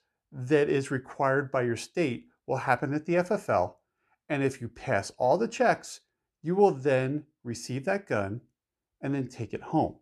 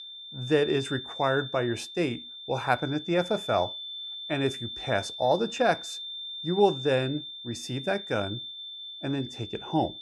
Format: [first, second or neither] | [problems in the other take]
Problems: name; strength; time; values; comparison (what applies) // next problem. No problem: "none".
first | high-pitched whine; loud; throughout; 3.5 kHz, 8 dB below the speech